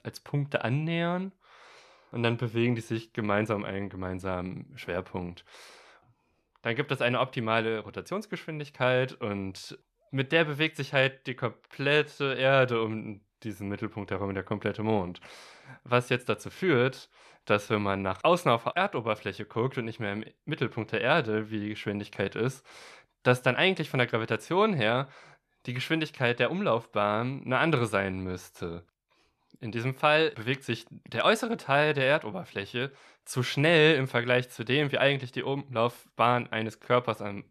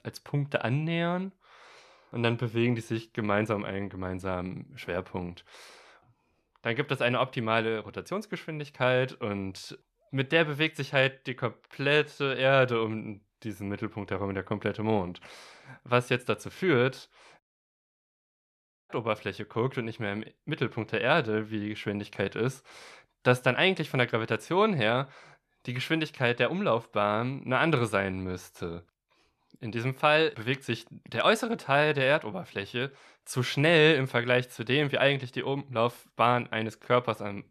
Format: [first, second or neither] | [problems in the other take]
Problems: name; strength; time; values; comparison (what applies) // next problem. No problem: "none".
first | audio cutting out; at 17 s for 1.5 s